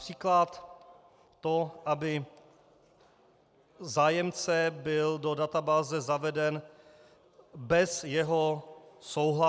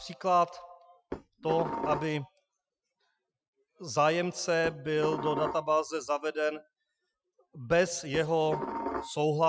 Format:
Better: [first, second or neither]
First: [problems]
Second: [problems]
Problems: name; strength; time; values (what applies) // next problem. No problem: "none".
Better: first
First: none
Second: noise reduction (classical method Wiener filter)